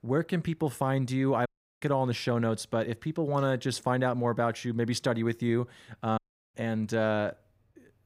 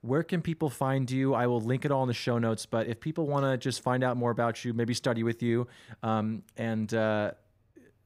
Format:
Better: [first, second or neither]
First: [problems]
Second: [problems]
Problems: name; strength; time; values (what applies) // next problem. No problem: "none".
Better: second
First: audio cutting out; at 1.5 s and at 6 s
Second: none